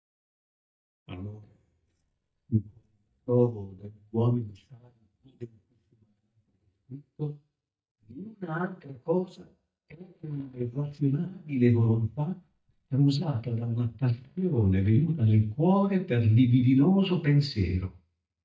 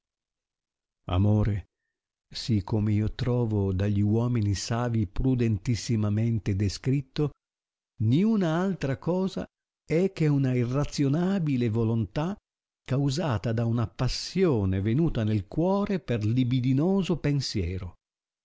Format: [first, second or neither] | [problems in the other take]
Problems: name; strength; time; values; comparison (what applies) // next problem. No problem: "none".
second | noise reduction (neural mask model DeepFilterNet 3)